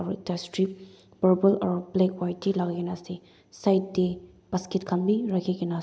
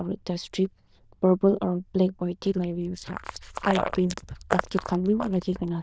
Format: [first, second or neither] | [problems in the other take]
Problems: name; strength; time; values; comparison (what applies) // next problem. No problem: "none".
first | noise reduction (neural diffusion model UNIVERSE++)